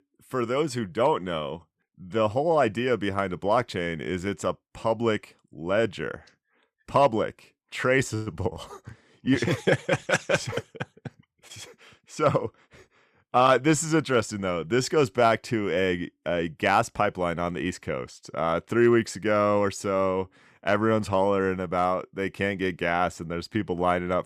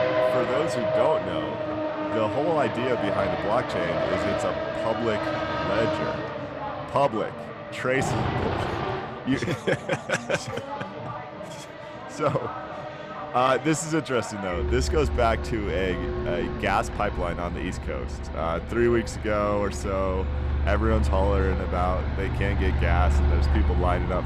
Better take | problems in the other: first | traffic noise; loud; throughout; 1 dB below the speech

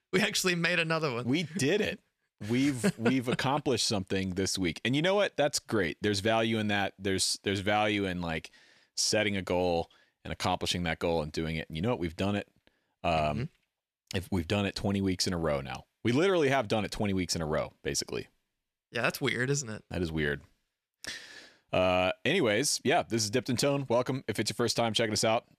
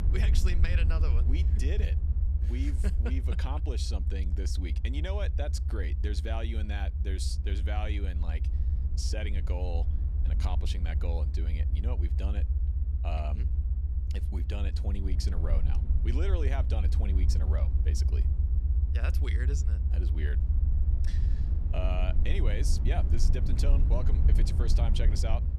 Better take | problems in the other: first | low rumble; loud; throughout; 6 dB below the speech

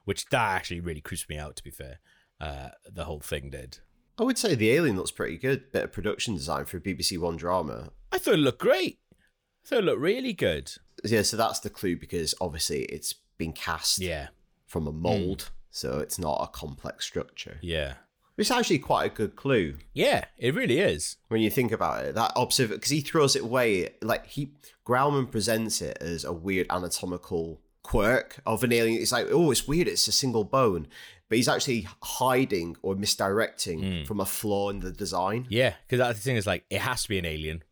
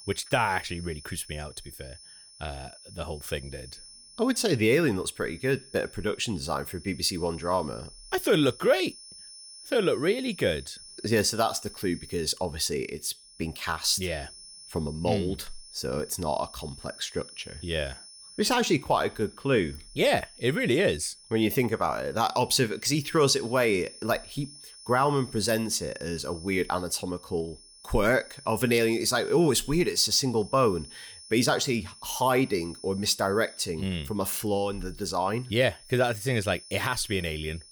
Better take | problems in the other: first | high-pitched whine; noticeable; throughout; 5.5 kHz, 20 dB below the speech

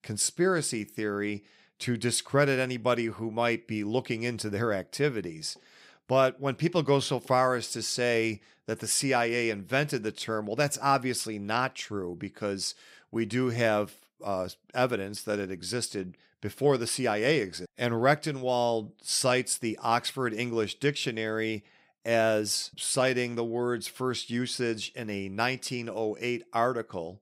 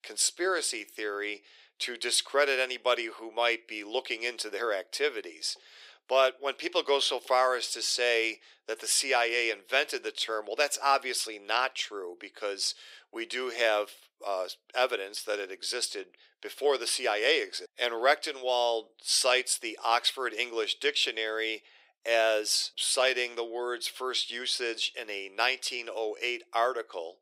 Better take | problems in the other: first | thin; very; fading below 400 Hz

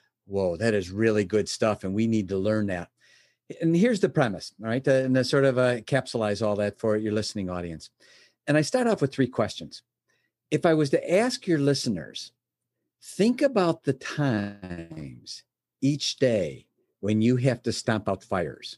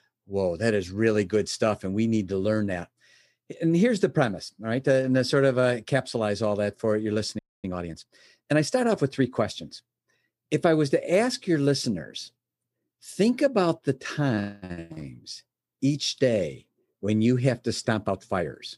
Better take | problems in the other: first | audio freezing; at 7.5 s

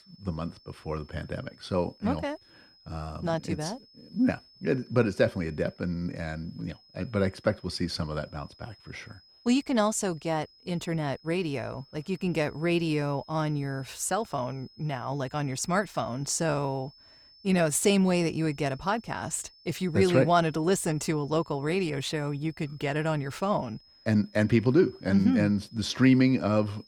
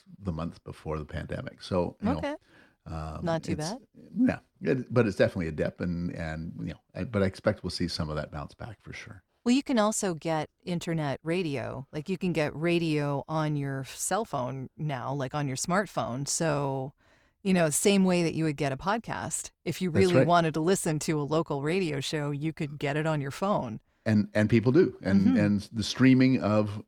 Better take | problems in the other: second | high-pitched whine; faint; throughout; 5.5 kHz, 25 dB below the speech

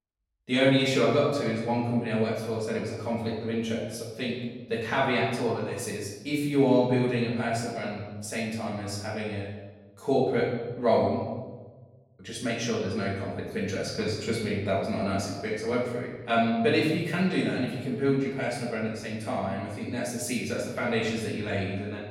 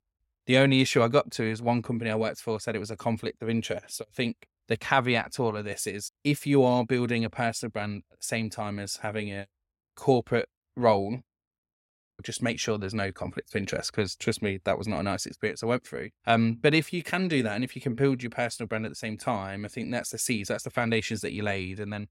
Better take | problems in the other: second | off-mic speech; far // room echo; noticeable; dies away in 1.2 s

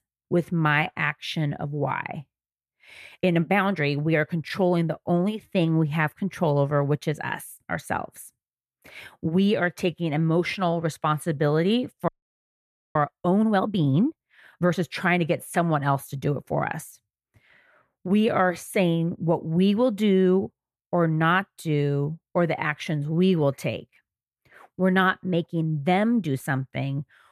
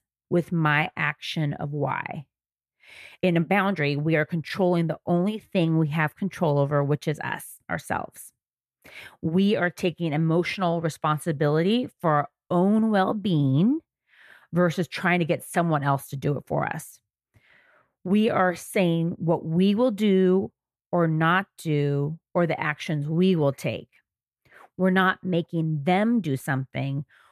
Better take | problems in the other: second | audio freezing; at 12 s for 1 s

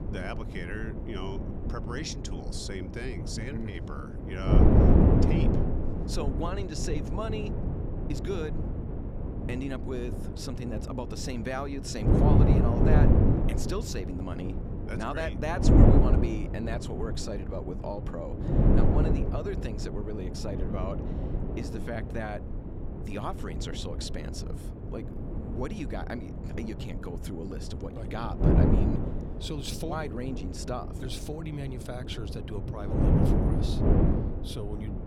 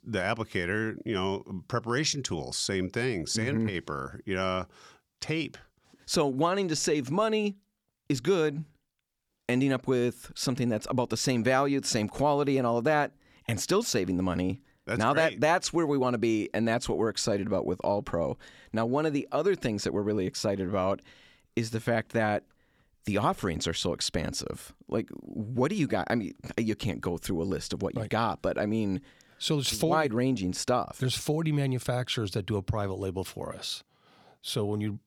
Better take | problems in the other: second | wind noise on the microphone; heavy; 2 dB above the speech

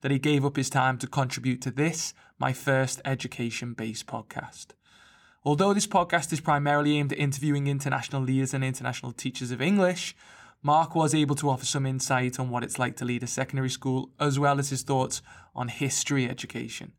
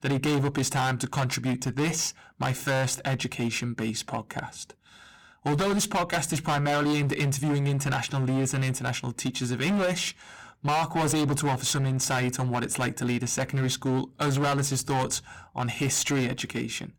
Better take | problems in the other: first | distortion; heavy; 20% of the sound clipped

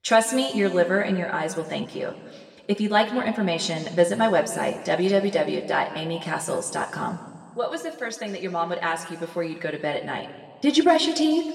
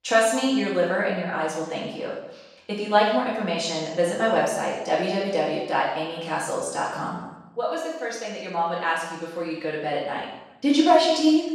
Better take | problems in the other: first | room echo; strong; dies away in 0.9 s; slight in the first // off-mic speech; far; somewhat distant in the first

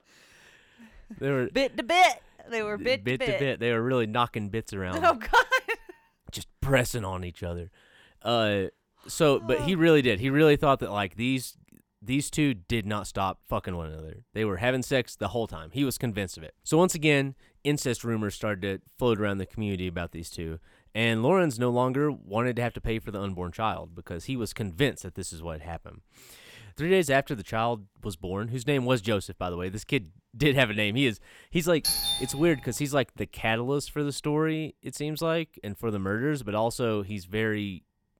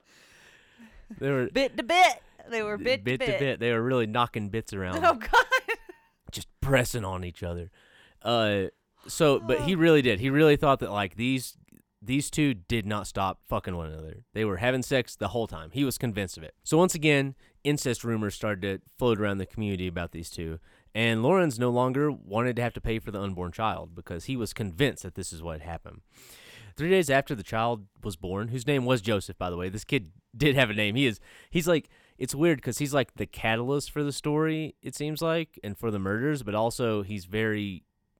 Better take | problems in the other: second | doorbell; loud; at 32 s; peak 3 dB above the speech

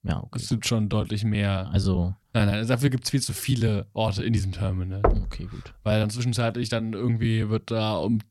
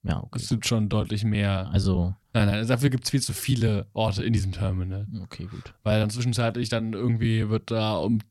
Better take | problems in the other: second | door banging; loud; at 5 s; peak level with the speech

